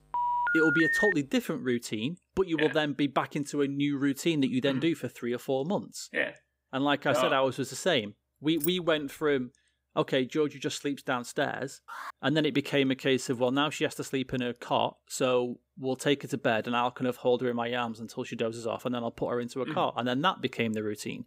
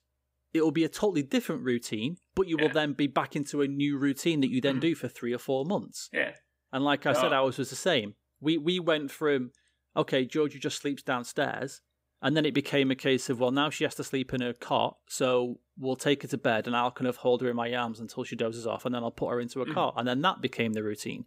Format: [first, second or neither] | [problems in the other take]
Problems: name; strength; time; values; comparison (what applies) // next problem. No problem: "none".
second | phone ringing; loud; at the start; peak 4 dB above the speech // jangling keys; noticeable; at 8.5 s; peak 6 dB below the speech // alarm; faint; at 12 s; peak 10 dB below the speech